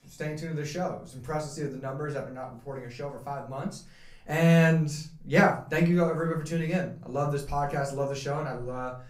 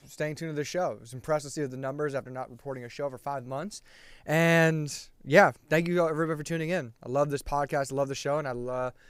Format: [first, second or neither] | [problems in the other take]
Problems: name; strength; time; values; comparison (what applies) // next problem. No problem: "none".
second | room echo; slight; dies away in 0.4 s // off-mic speech; far